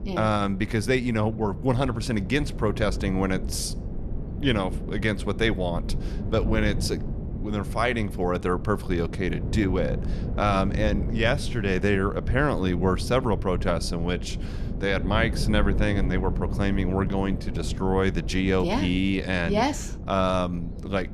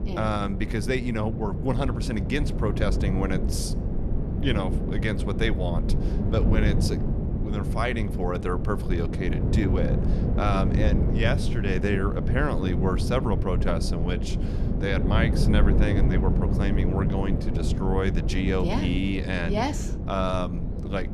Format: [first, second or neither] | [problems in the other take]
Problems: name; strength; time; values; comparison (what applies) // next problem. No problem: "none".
first | wind noise on the microphone; heavy; 6 dB below the speech; occasional gusts in the first